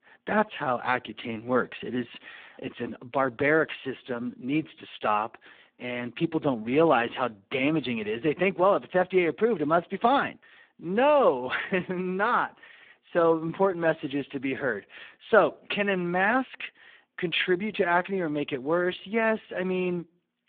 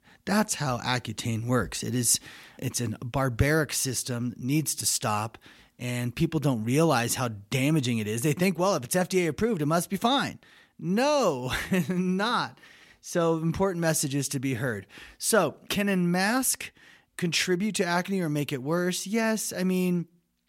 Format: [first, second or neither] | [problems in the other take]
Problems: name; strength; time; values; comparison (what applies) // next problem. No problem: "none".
second | phone-call audio; poor line; nothing above 3.5 kHz